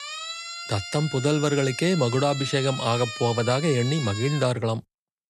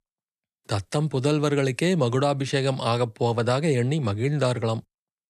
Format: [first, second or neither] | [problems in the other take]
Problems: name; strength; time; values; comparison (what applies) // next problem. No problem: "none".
second | siren; noticeable; until 4.5 s; peak 7 dB below the speech